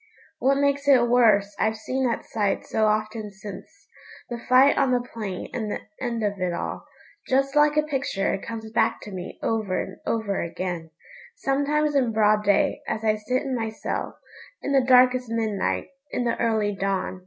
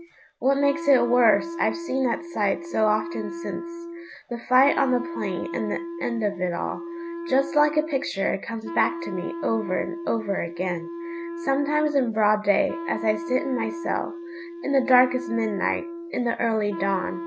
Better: first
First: none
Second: background sound (Wind instrument, woodwind instrument); 9 dB below the speech

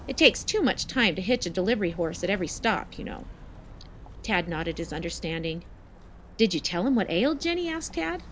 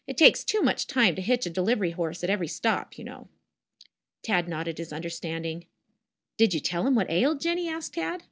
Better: second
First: background sound (Walk, footsteps); 16 dB below the speech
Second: none

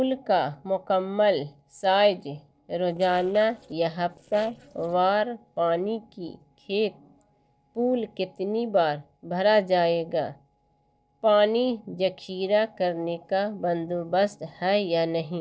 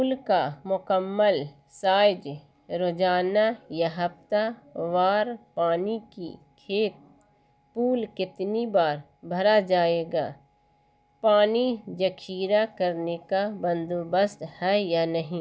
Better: second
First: noise reduction (neural separator model SepFormer DNS4)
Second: none

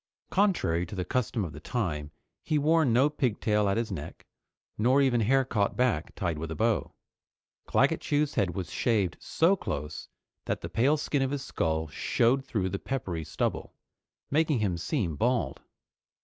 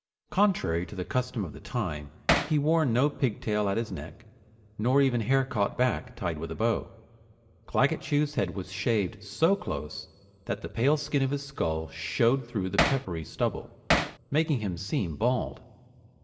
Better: first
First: none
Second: background sound (Hammer); 2 dB above the speech // room echo; dies away in 1.2 s

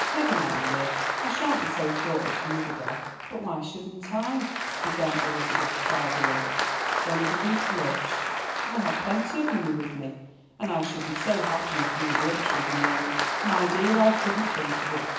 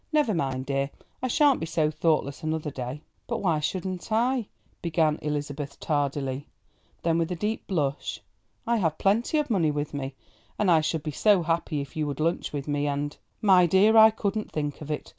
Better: second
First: background sound (Applause); 1 dB above the speech // room echo; dies away in 0.9 s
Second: none

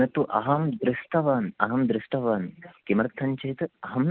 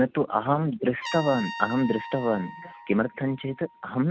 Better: first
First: none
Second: background sound (Trumpet); 14 dB below the speech

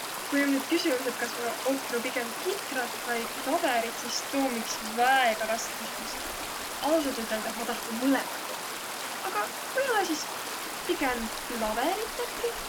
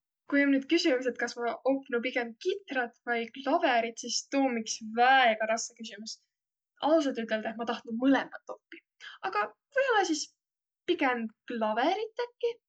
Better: second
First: background sound (Stream); 5 dB below the speech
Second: none

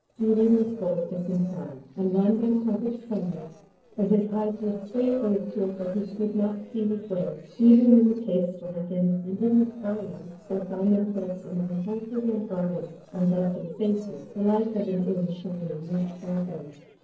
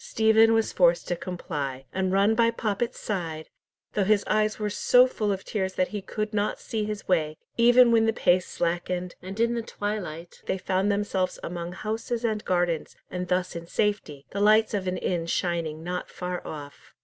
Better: second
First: noise reduction (neural separator model SepFormer DNS4)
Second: none

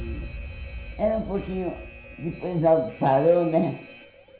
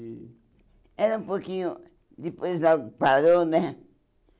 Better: second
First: background sound (Alarm); 14 dB below the speech // room echo; dies away in 0.5 s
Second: none

